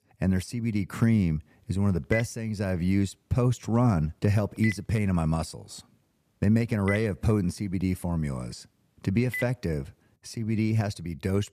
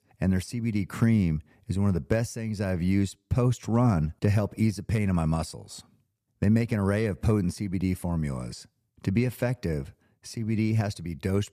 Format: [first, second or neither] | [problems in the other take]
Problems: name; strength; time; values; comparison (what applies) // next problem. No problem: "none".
second | phone ringing; noticeable; from 2 to 9.5 s; peak 7 dB below the speech